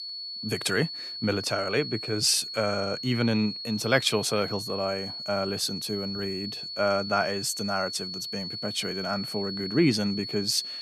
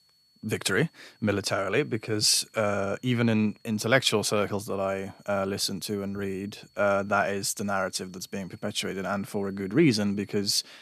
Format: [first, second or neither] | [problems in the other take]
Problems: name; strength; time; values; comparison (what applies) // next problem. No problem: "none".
second | high-pitched whine; loud; throughout; 4.5 kHz, 6 dB below the speech; faint in the second